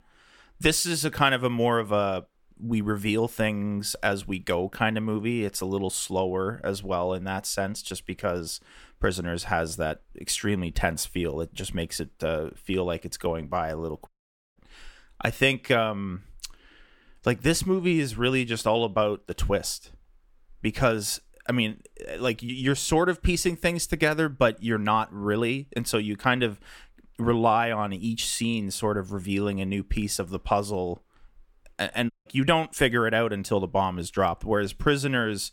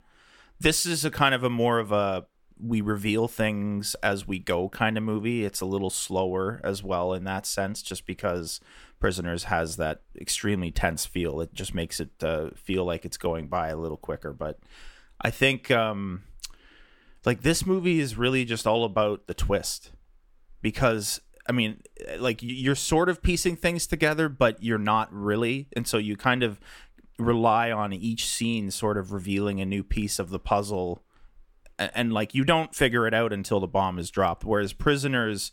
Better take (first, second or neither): second